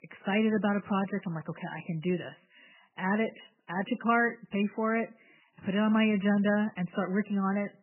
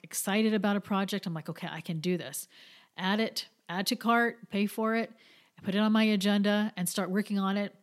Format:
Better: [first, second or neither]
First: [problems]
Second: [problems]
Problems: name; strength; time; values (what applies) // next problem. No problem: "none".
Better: second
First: garbled, watery; badly; nothing above 3 kHz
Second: none